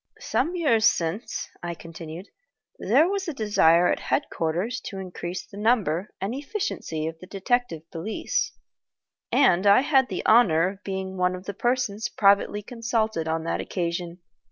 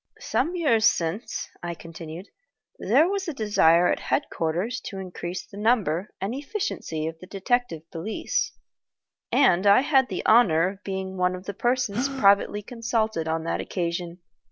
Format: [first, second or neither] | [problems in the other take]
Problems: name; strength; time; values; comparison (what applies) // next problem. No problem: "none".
first | background sound (Gasp); 11 dB below the speech